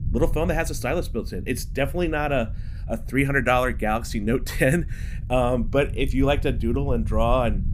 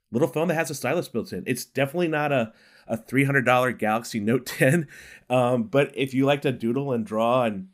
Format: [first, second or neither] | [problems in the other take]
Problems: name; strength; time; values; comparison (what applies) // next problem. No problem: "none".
second | low rumble; faint; throughout; 25 dB below the speech